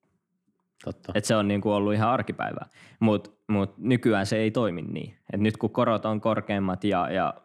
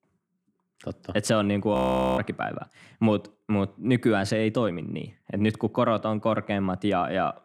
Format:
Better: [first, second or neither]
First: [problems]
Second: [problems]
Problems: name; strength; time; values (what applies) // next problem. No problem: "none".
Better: first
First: none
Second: audio freezing; at 2 s